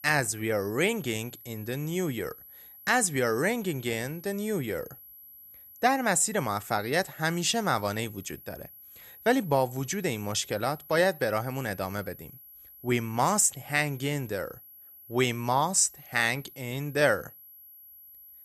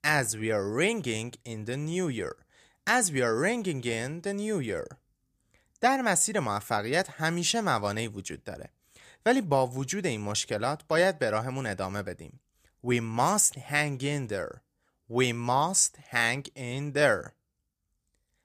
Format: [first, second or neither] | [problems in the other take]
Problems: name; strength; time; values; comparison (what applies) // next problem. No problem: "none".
second | high-pitched whine; noticeable; throughout; 11.5 kHz, 20 dB below the speech